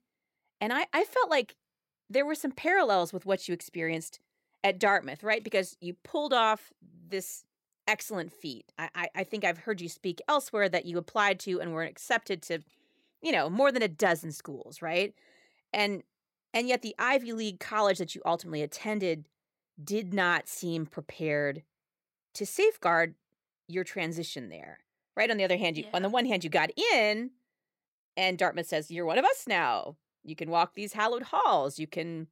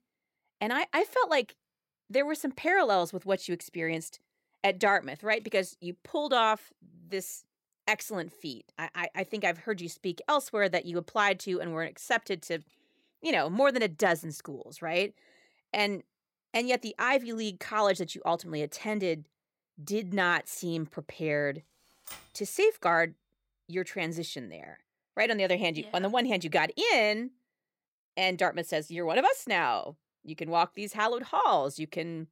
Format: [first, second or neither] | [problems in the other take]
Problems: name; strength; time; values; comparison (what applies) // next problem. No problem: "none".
first | keyboard typing; faint; at 22 s; peak 15 dB below the speech